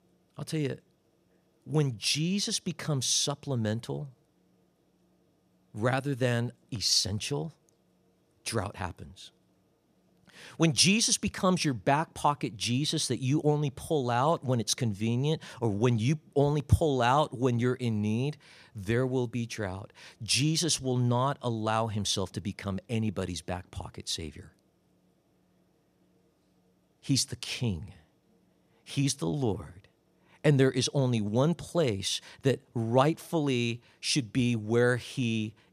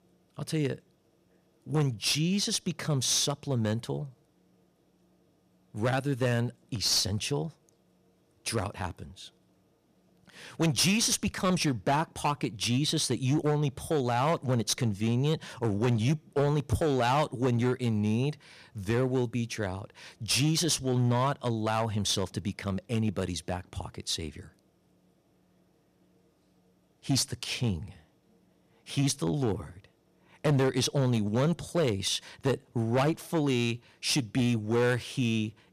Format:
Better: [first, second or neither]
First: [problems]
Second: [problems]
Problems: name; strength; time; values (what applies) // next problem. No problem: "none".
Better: first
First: none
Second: distortion; slight; 6% of the sound clipped